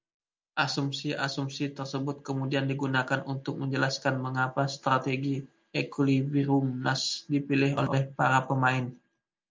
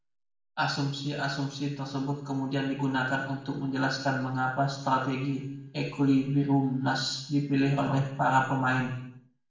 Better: first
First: none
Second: room echo; dies away in 0.7 s

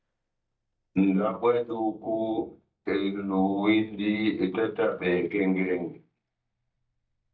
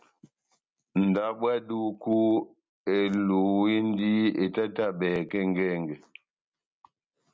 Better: second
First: noise reduction (neural mask model DeepFilterNet 3)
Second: none

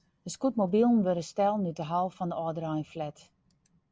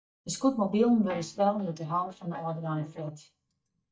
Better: first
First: none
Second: noise reduction (neural mask model DeepFilterNet 3)

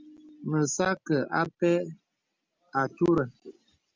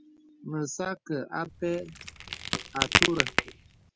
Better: first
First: none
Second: background sound (Crack); 5 dB above the speech

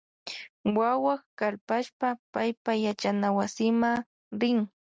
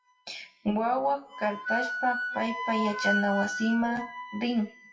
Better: first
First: none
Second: noise reduction (classical method WPE with log-MMSE)

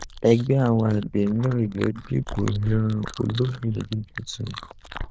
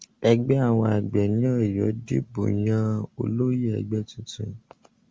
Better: second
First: noise reduction (neural diffusion model UNIVERSE++)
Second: none

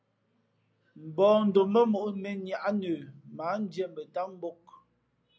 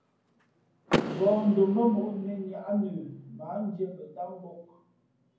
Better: first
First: none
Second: background sound (Door / Car); 8 dB below the speech // room echo; dies away in 0.9 s

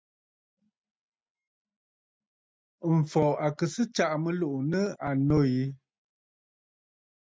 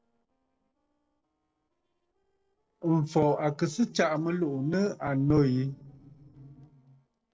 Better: first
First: none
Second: noise reduction (neural separator model SepFormer DNS4)

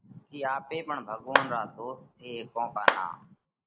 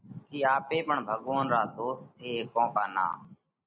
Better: second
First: background sound (Clapping); 3 dB above the speech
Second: none

